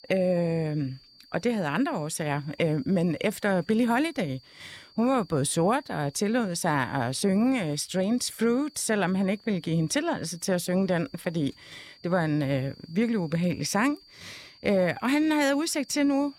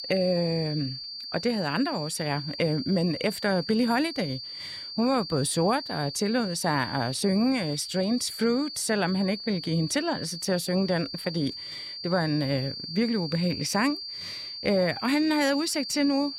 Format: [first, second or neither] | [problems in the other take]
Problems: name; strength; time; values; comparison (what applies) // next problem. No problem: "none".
first | high-pitched whine; loud; throughout; 4.5 kHz, 8 dB below the speech; faint in the first